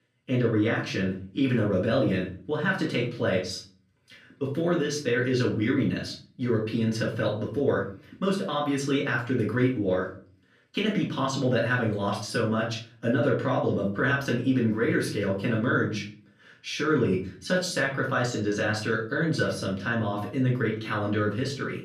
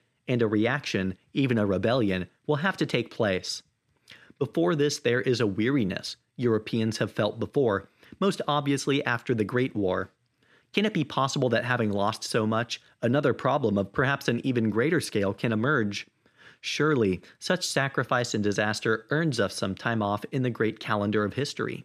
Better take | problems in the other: second | off-mic speech; far // room echo; slight; dies away in 0.4 s

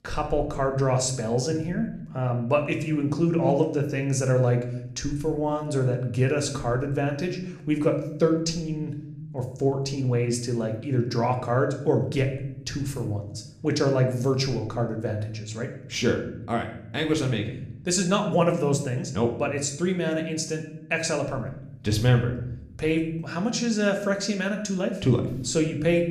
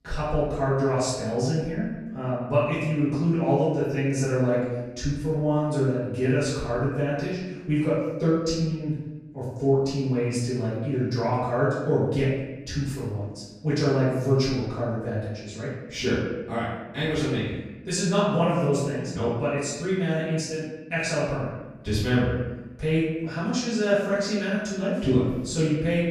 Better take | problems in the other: first | room echo; strong; dies away in 1.1 s; slight in the first // off-mic speech; far

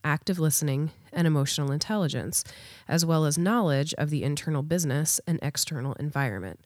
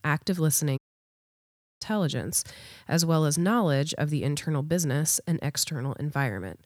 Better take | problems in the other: first | audio cutting out; at 1 s for 1 s

